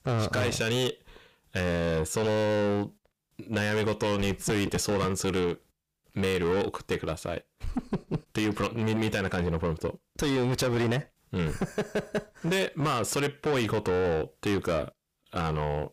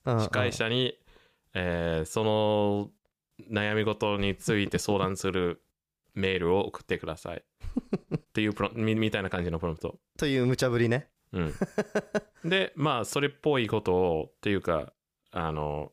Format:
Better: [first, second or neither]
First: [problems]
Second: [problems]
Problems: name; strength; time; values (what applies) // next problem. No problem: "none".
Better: second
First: distortion; heavy; 7 dB below the speech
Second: none